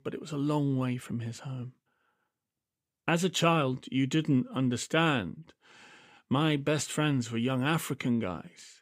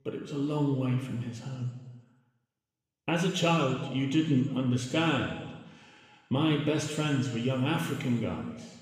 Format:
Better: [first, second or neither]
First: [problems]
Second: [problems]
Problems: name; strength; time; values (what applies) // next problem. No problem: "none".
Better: first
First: none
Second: room echo; noticeable; dies away in 1.2 s // off-mic speech; somewhat distant